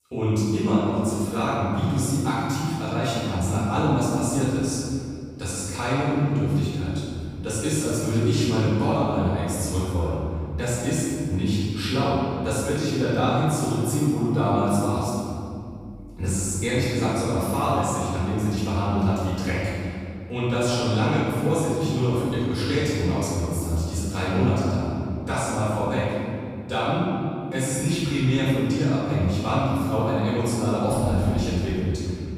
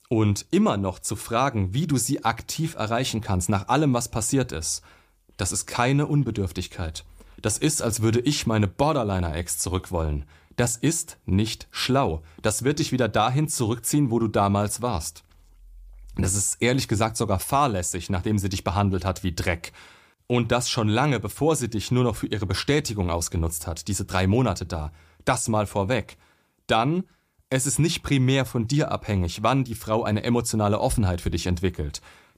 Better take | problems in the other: second | off-mic speech; far // room echo; strong; dies away in 2.5 s

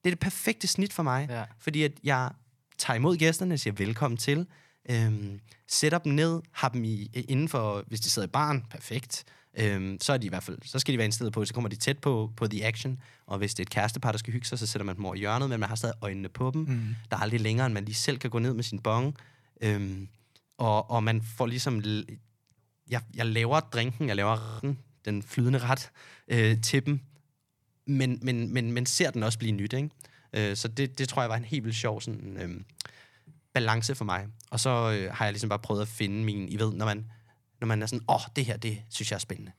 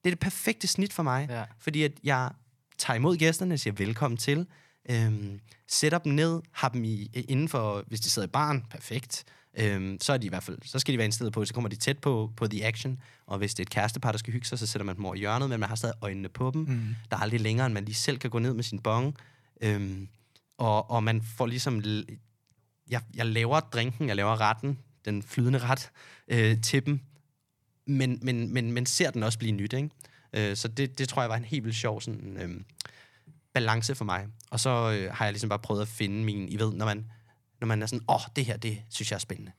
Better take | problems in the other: second | audio freezing; at 24 s

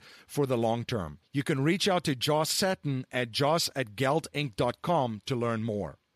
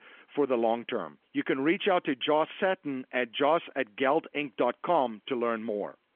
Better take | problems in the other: first | phone-call audio; nothing above 3.5 kHz

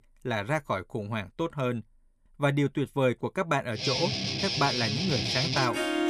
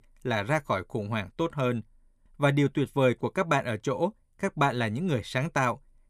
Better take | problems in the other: second | background music; very loud; from 4 s on; 1 dB above the speech

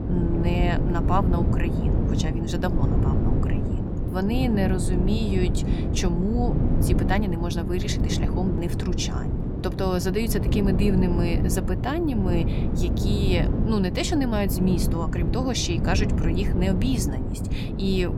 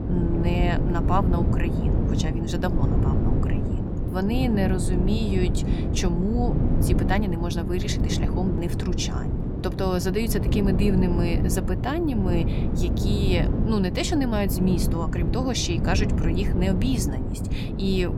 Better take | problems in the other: neither | wind noise on the microphone; heavy; 4 dB below the speech; the same in both

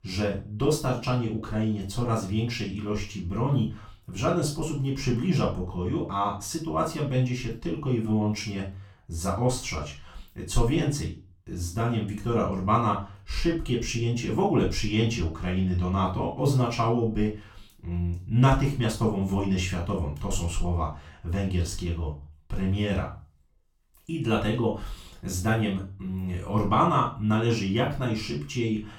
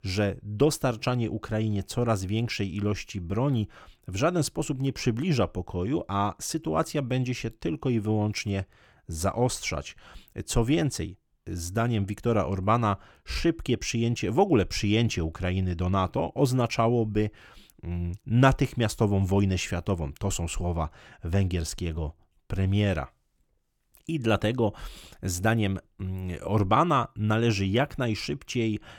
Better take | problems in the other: second | room echo; slight; dies away in 0.3 s // off-mic speech; far

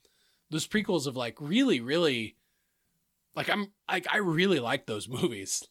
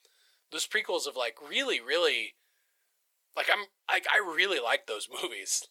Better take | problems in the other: first | thin; very; fading below 500 Hz

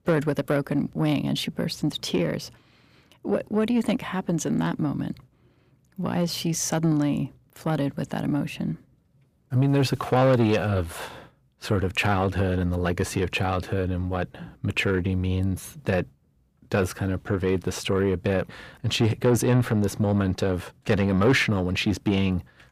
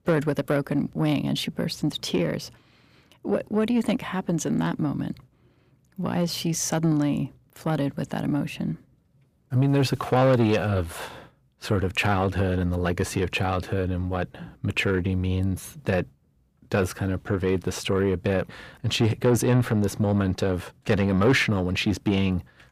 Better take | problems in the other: neither | distortion; slight; 10 dB below the speech; the same in both

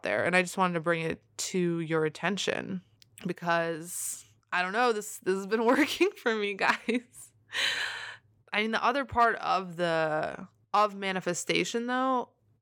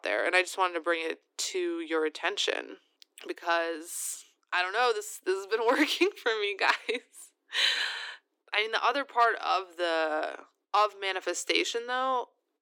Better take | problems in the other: first | thin; somewhat; fading below 300 Hz

